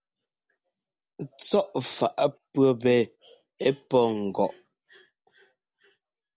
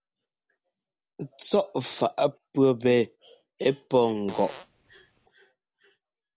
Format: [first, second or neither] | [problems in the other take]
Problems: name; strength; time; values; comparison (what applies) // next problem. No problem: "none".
first | background sound (Fart); 17 dB below the speech